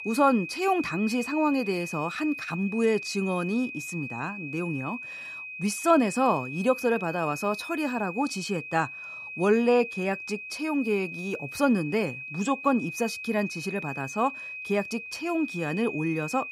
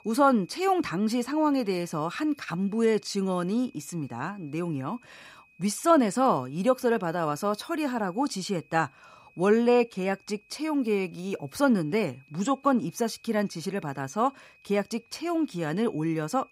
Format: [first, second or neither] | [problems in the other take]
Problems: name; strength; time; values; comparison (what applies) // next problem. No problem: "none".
second | high-pitched whine; loud; throughout; 2.5 kHz, 8 dB below the speech; faint in the second